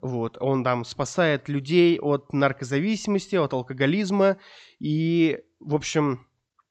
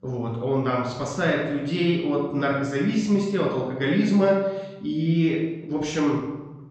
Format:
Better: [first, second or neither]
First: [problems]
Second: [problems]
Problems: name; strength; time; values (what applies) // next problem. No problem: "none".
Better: first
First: none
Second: off-mic speech; far // room echo; noticeable; dies away in 1 s